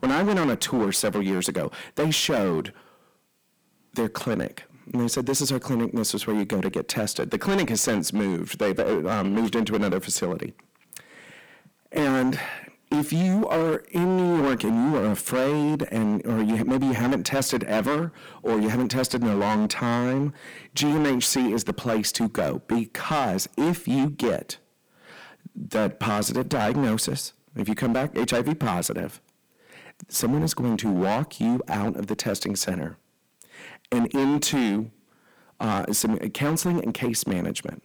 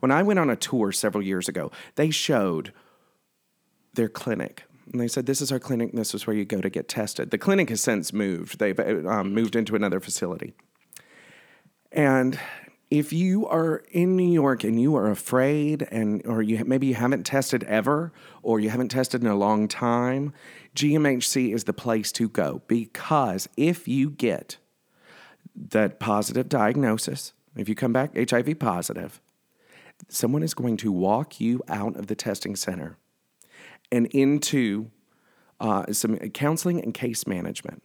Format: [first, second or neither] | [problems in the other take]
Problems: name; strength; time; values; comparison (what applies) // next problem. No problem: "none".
second | distortion; heavy; 14% of the sound clipped